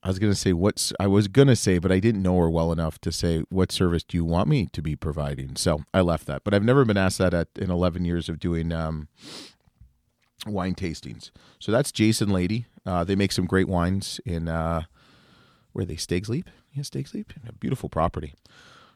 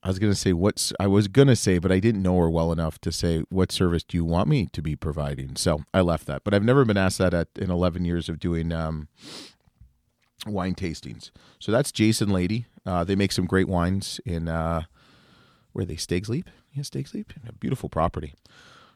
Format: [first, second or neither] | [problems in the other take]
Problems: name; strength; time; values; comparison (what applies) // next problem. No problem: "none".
neither | none